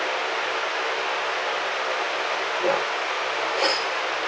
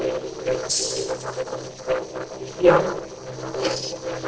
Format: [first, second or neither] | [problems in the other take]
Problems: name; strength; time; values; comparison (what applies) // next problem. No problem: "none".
first | noise reduction (neural separator model SepFormer DNS4)